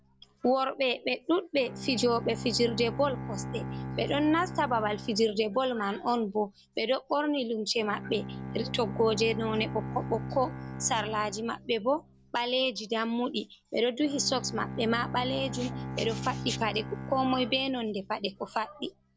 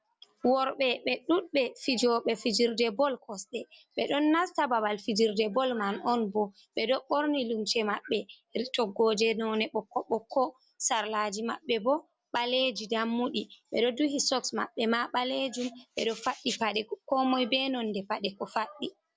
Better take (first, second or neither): second